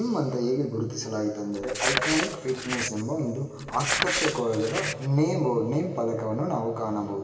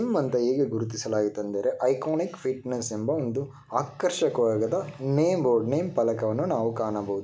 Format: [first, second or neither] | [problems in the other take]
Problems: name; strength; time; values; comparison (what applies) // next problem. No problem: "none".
second | background sound (Crumpling, crinkling); 4 dB below the speech // room echo; dies away in 2.5 s